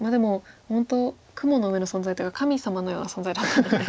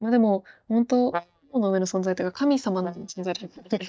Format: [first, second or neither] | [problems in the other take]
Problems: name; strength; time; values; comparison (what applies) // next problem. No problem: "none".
first | noise reduction (neural mask model DeepFilterNet 3)